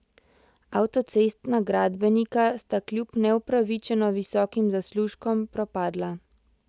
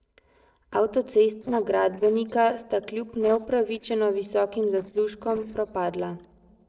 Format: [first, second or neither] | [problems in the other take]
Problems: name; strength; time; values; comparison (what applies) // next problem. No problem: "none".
first | noise reduction (neural separator model SepFormer DNS4)